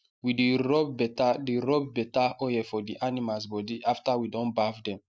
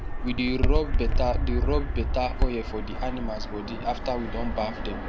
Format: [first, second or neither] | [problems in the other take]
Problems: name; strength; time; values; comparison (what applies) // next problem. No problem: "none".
first | background sound (Fixed-wing aircraft, airplane); 4 dB above the speech